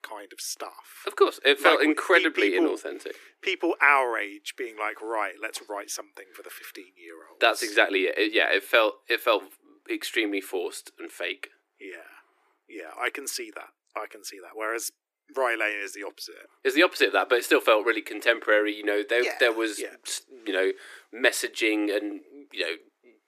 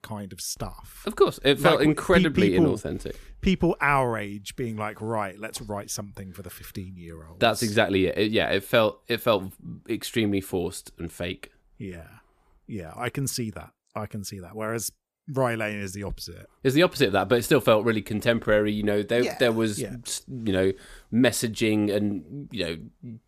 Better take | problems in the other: second | thin; very; fading below 300 Hz

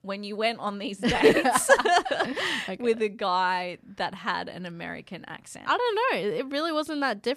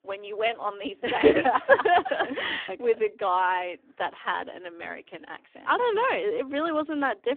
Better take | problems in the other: first | phone-call audio; poor line

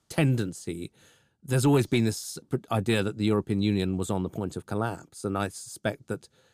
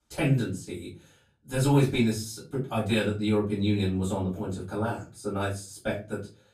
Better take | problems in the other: first | off-mic speech; far // room echo; slight; dies away in 0.3 s

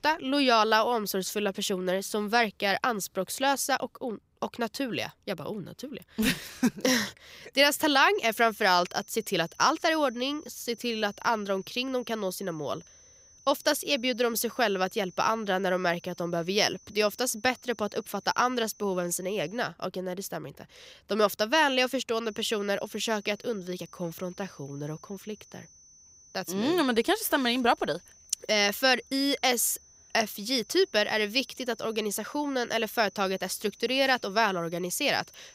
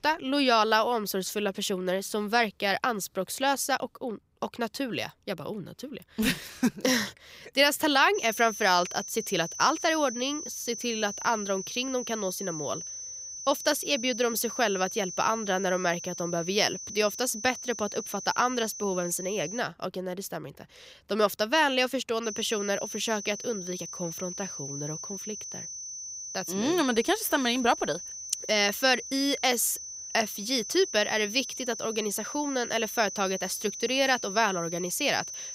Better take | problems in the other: first | high-pitched whine; loud; from 8 to 20 s and from 22 s on; 6 kHz, 9 dB below the speech; faint in the first

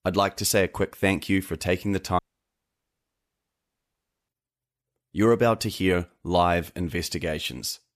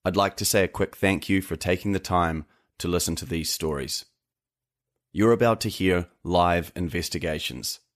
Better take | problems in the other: second | audio cutting out; at 2 s for 2 s

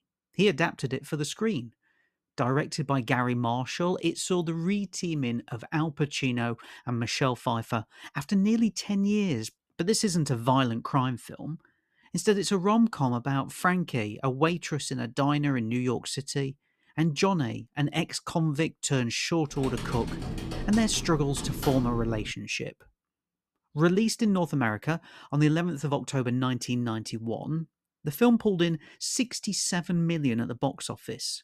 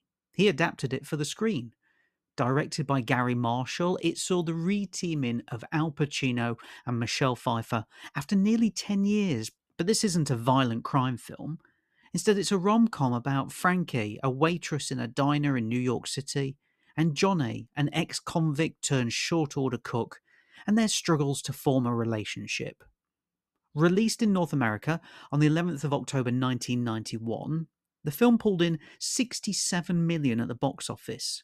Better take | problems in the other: second | keyboard typing; noticeable; from 20 to 22 s; peak 7 dB below the speech

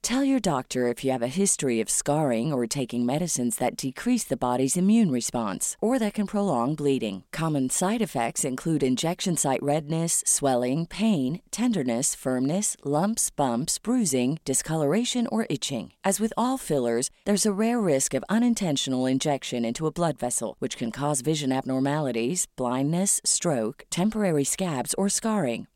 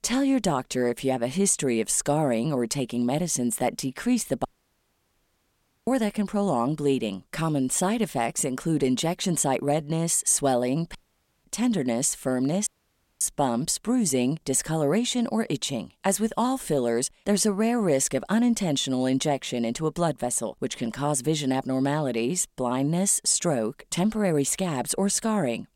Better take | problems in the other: first | audio cutting out; at 4.5 s for 1.5 s, at 11 s for 0.5 s and at 13 s for 0.5 s

